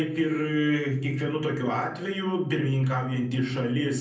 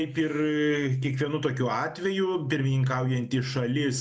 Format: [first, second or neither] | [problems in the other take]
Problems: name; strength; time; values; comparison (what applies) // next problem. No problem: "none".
second | room echo; dies away in 0.6 s